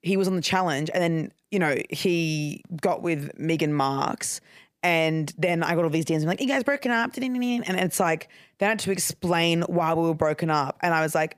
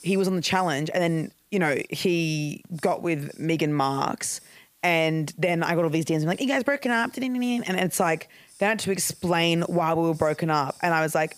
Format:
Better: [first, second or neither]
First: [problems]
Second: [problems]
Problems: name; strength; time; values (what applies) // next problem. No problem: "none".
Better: first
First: none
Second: hiss; faint; throughout; 25 dB below the speech